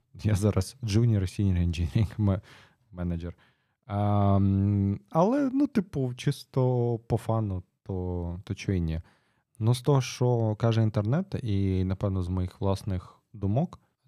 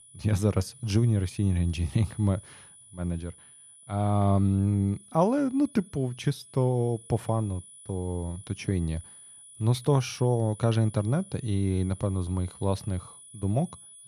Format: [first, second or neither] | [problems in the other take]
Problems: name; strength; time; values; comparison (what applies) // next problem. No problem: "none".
first | high-pitched whine; noticeable; throughout; 10 kHz, 20 dB below the speech